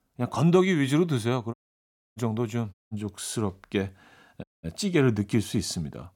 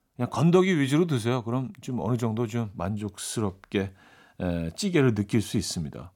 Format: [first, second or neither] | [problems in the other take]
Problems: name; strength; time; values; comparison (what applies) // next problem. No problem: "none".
second | audio cutting out; at 1.5 s for 0.5 s, at 2.5 s and at 4.5 s